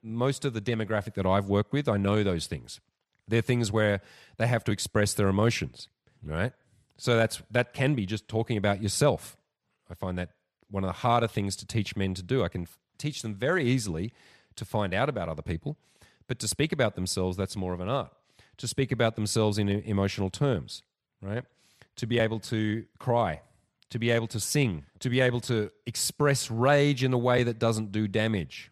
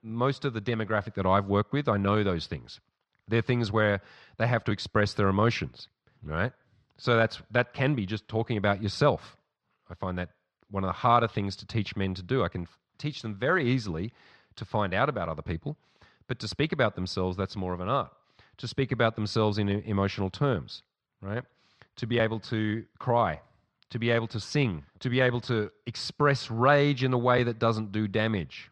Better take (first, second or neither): first